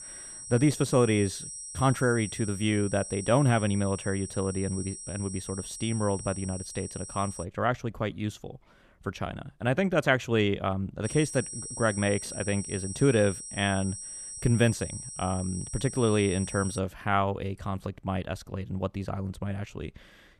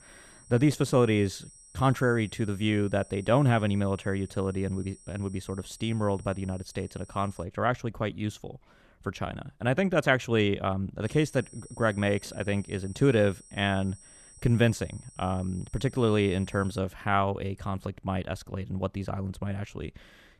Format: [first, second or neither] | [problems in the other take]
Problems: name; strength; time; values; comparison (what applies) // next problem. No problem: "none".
second | high-pitched whine; loud; until 7.5 s and from 11 to 17 s; 8 kHz, 9 dB below the speech; faint in the second